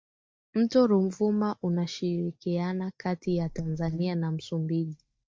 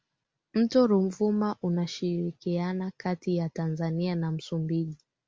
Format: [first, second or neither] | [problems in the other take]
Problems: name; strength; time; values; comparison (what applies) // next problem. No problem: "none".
second | noise reduction (neural mask model DeepFilterNet 3)